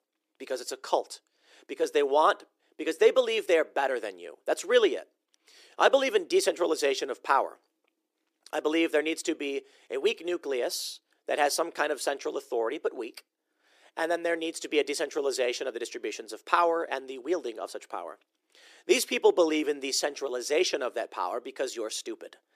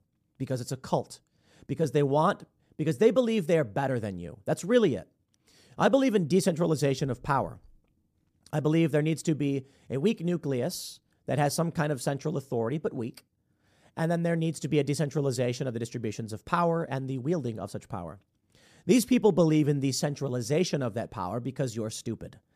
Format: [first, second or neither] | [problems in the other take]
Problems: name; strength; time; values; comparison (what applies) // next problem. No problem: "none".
second | thin; very; fading below 350 Hz